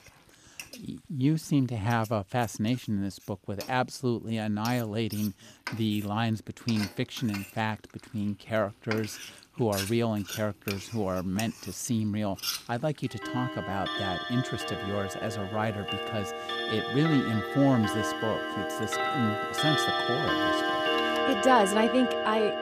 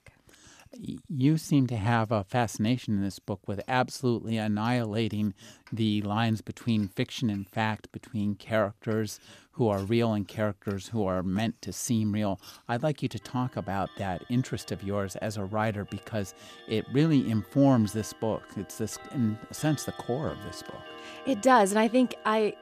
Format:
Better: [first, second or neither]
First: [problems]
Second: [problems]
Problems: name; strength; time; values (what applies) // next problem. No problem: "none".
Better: second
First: household noises; loud; throughout; 2 dB below the speech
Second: household noises; faint; throughout; 20 dB below the speech